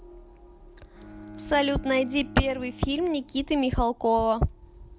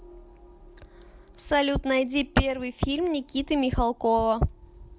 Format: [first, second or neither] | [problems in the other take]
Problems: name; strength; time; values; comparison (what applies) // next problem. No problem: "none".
second | background sound (Bowed string instrument); 19 dB below the speech